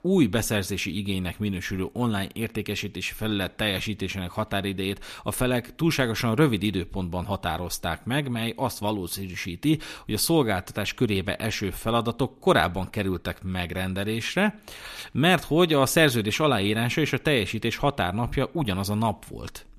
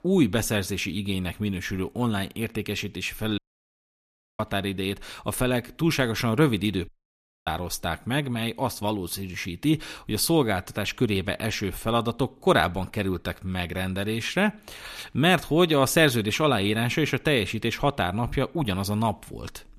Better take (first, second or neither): first